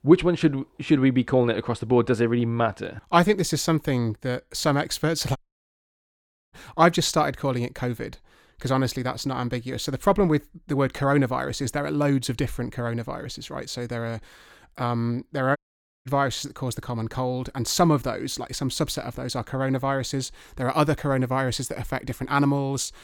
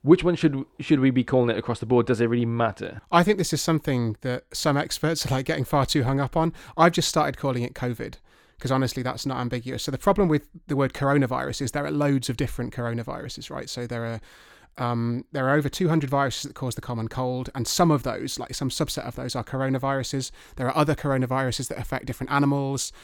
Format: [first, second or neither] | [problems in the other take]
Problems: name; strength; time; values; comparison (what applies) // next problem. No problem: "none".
second | audio cutting out; at 5.5 s for 1 s and at 16 s